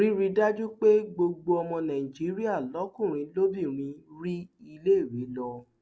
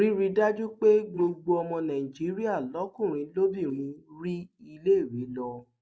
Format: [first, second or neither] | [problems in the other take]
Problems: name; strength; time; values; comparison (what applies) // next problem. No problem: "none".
first | noise reduction (neural mask model Resemble Enhance denoiser)